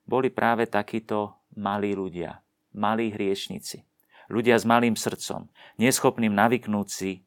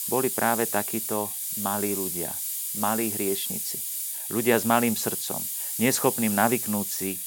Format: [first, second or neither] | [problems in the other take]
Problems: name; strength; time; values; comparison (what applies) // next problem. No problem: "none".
first | hiss; loud; throughout; 1 dB below the speech